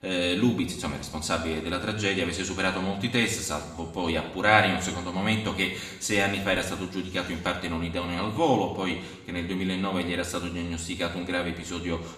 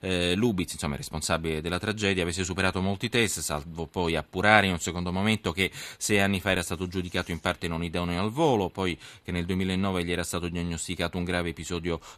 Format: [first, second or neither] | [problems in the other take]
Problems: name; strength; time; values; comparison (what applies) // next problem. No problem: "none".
second | room echo; slight; dies away in 1 s // off-mic speech; somewhat distant